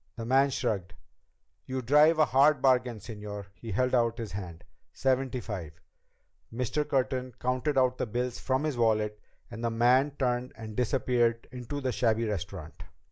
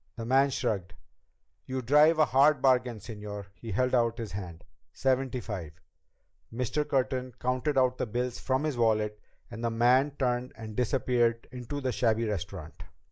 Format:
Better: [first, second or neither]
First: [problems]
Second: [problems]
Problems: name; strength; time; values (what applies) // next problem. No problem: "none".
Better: first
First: none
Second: noise reduction (neural mask model Resemble Enhance denoiser)